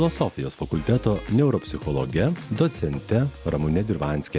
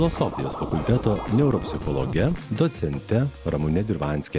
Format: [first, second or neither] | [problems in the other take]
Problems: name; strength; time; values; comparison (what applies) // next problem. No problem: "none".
first | background sound (Scratching (performance technique)); 11 dB below the speech